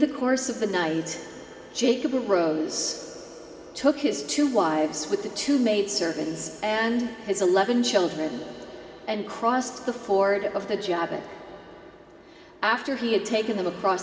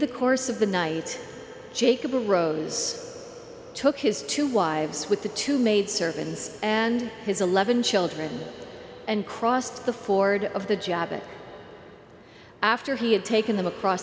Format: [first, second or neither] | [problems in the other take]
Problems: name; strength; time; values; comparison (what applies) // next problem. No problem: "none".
second | room echo; dies away in 0.9 s